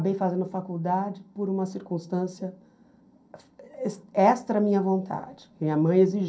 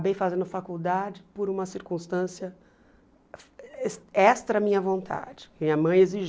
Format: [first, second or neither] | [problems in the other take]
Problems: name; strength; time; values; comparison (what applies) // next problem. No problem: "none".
second | room echo; dies away in 0.3 s